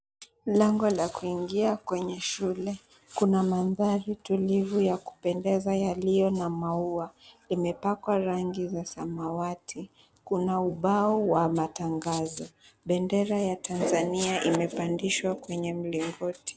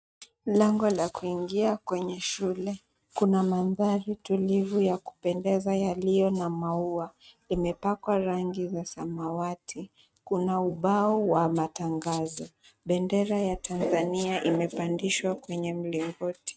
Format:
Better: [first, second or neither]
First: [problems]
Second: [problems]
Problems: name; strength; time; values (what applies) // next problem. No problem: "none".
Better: first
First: none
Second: noise reduction (neural mask model RNNoise)